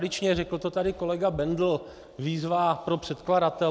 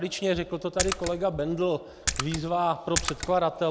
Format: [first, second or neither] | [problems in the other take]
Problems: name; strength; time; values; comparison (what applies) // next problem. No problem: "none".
first | background sound (Splash, splatter); 5 dB below the speech